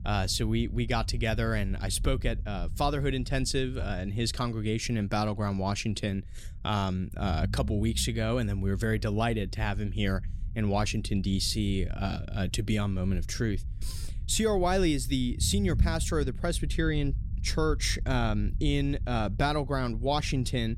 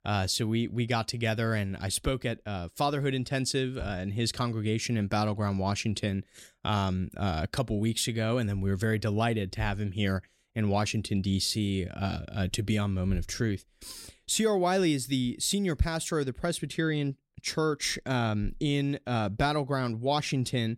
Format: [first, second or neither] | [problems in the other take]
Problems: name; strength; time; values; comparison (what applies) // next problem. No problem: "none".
second | low rumble; faint; throughout; 20 dB below the speech